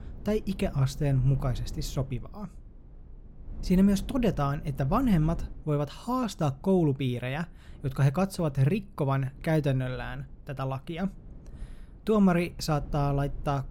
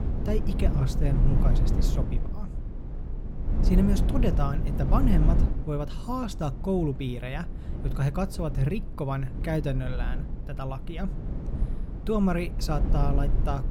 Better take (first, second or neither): first